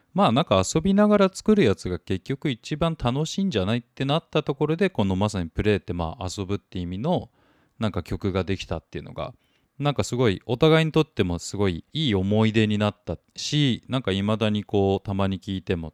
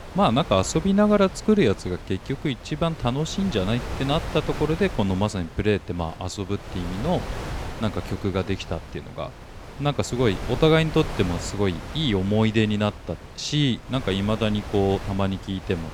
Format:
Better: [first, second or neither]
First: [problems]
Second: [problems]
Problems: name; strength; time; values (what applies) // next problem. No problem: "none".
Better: first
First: none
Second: wind noise on the microphone; occasional gusts; 10 dB below the speech